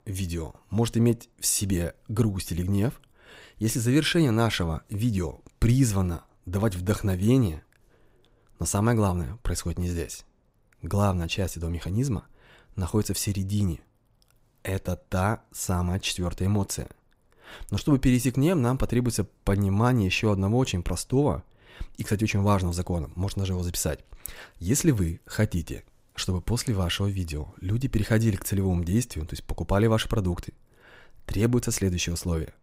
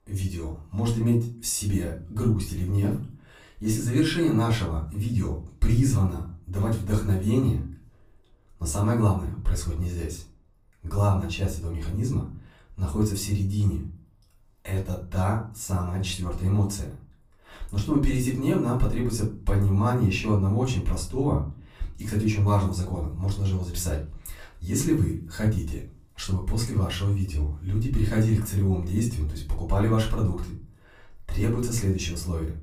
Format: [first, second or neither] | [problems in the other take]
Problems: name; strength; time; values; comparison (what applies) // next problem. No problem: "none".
first | room echo; slight; dies away in 0.4 s // off-mic speech; far